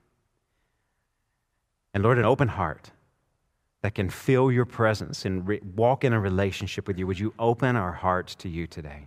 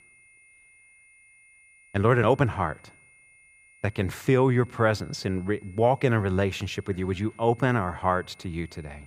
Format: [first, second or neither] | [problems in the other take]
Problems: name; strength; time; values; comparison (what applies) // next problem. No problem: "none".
first | high-pitched whine; faint; throughout; 2 kHz, 30 dB below the speech